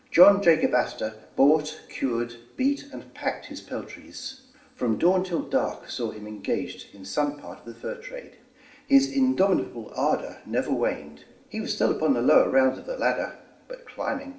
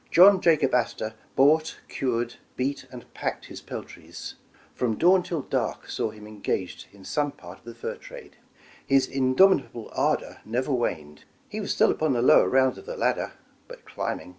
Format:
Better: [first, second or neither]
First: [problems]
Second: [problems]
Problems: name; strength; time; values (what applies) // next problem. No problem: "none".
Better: second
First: room echo; dies away in 1.7 s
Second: none